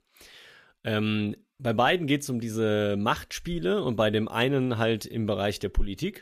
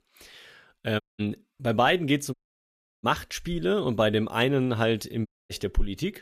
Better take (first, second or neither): first